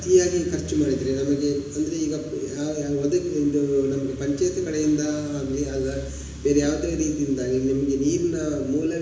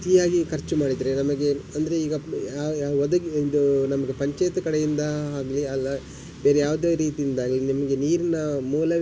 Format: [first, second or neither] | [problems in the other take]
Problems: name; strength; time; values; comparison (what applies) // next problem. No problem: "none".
second | room echo; dies away in 1 s